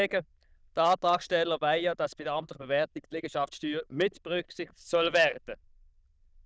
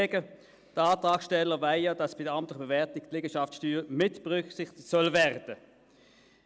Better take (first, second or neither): second